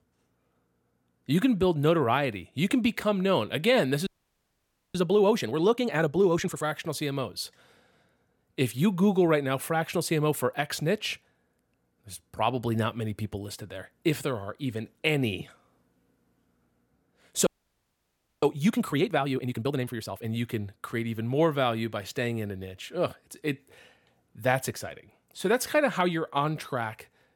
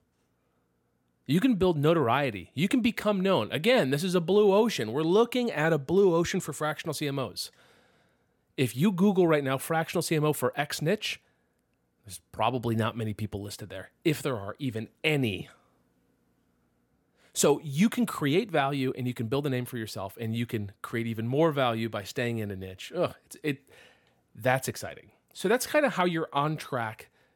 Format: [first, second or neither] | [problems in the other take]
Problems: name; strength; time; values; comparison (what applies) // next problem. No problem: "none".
second | audio freezing; at 4 s for 1 s and at 17 s for 1 s